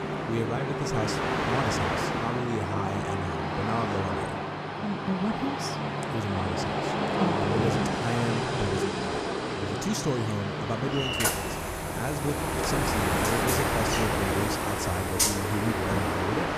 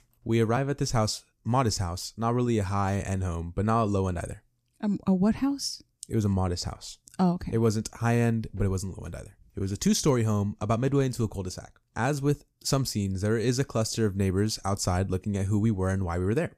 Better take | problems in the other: second | train or aircraft noise; very loud; throughout; 4 dB above the speech

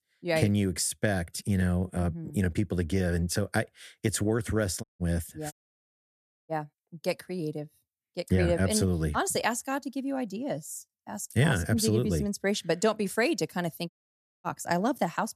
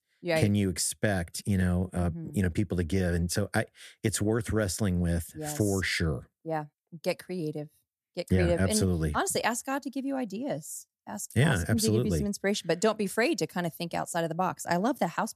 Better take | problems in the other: second | audio cutting out; at 5 s, at 5.5 s for 1 s and at 14 s for 0.5 s

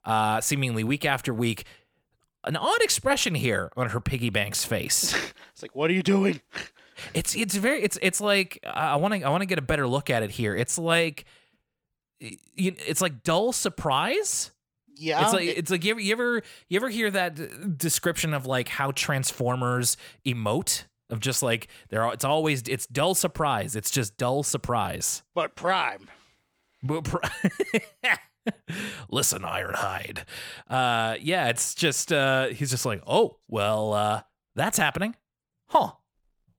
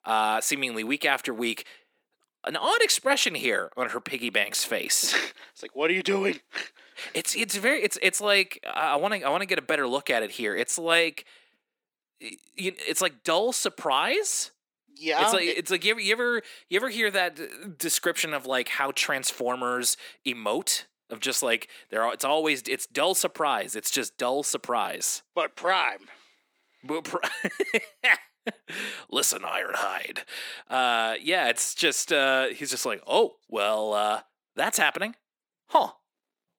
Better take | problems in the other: first | thin; somewhat; fading below 250 Hz

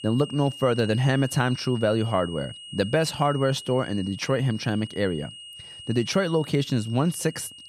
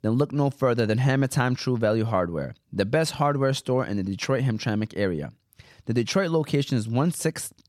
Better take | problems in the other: second | high-pitched whine; noticeable; throughout; 3 kHz, 15 dB below the speech

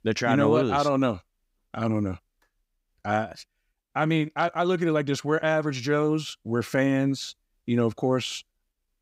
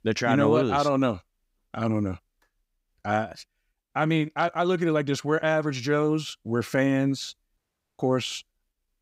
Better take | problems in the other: first | audio cutting out; at 7.5 s

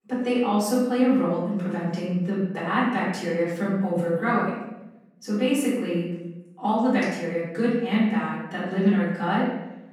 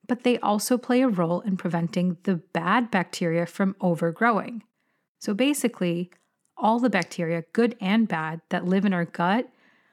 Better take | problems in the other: second | off-mic speech; far // room echo; noticeable; dies away in 0.9 s

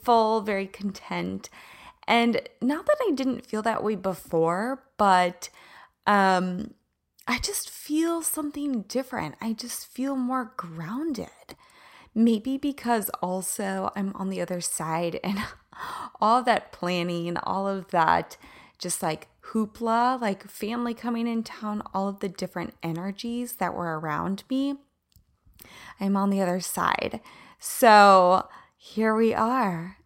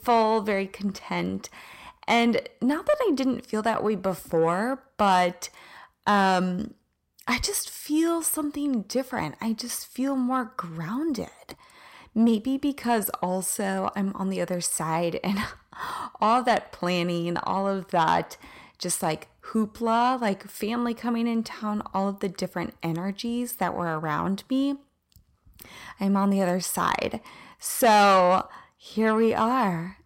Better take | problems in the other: first | distortion; slight; 10 dB below the speech

